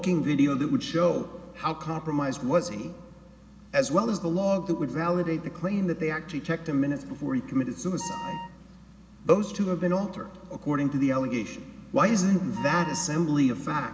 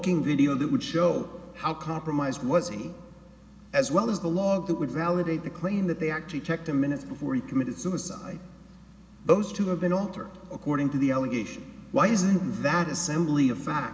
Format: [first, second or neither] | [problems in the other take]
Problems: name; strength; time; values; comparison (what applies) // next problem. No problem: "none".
second | background sound (Wind instrument, woodwind instrument); 12 dB below the speech